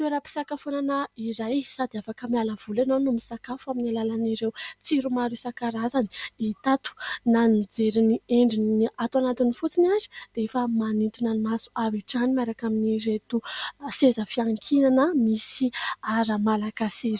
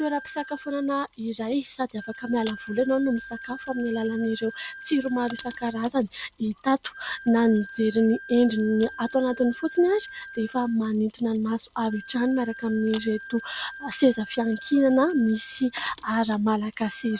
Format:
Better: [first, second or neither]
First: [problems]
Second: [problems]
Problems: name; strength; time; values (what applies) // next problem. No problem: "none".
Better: first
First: none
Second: background sound (Wind instrument, woodwind instrument + Mechanisms); 17 dB below the speech